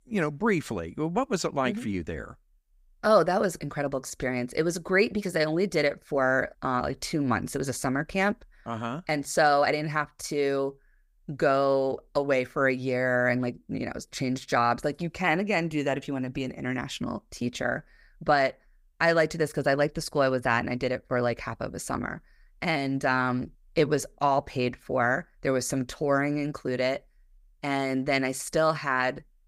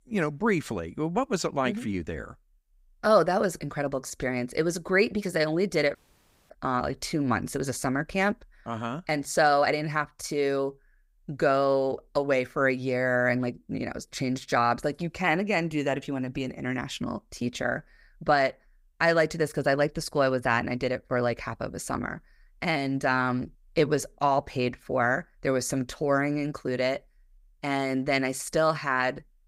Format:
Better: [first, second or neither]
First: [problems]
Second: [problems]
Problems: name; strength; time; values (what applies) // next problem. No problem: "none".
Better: first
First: none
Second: audio cutting out; at 6 s for 0.5 s